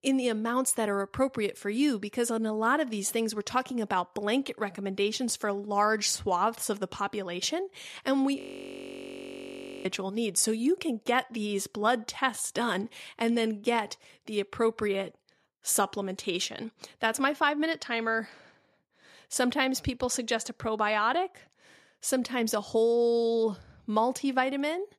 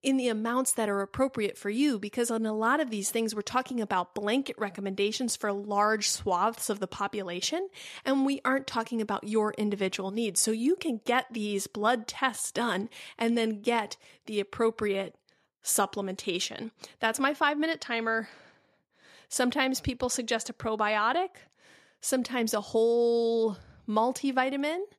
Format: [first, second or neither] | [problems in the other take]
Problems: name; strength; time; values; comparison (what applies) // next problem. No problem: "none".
second | audio freezing; at 8.5 s for 1.5 s